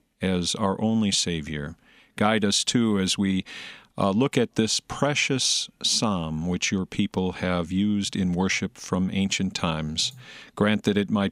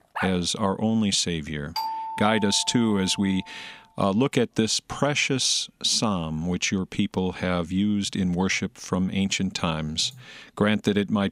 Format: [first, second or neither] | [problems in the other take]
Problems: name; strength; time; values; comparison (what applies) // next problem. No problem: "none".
first | dog barking; noticeable; at the start; peak 8 dB below the speech // doorbell; noticeable; from 2 to 3.5 s; peak 5 dB below the speech